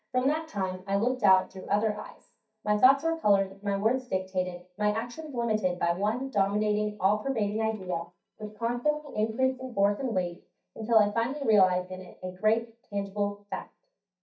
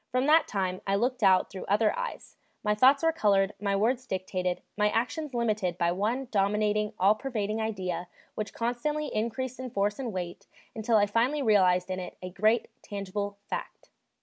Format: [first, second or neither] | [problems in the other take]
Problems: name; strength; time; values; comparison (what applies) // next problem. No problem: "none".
second | noise reduction (neural mask model DeepFilterNet 3)